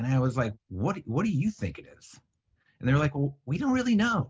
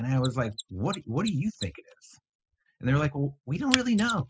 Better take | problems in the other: first | noise reduction (classical method spectral subtraction)

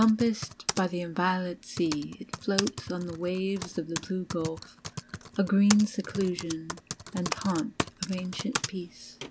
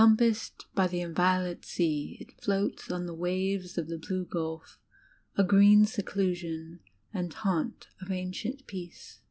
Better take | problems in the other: second | background sound (Typing); 9 dB below the speech

